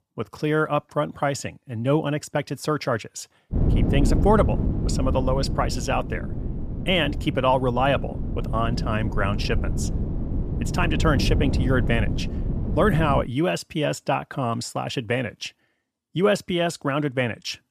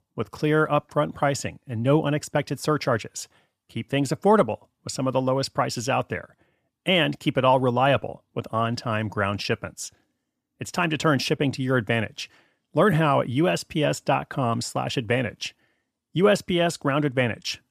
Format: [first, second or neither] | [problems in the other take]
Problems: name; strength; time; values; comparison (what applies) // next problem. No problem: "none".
second | wind noise on the microphone; occasional gusts; from 3.5 to 13 s; 10 dB below the speech